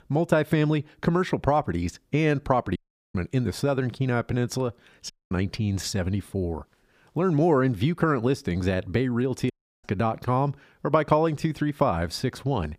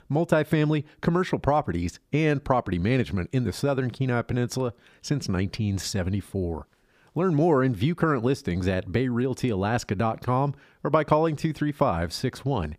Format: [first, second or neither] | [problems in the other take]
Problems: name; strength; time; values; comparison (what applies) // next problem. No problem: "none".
second | audio cutting out; at 3 s, at 5 s and at 9.5 s